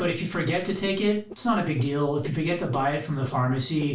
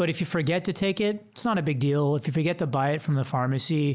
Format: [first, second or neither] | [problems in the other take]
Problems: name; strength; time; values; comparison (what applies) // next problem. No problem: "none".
second | noise reduction (neural separator model SepFormer DNS4)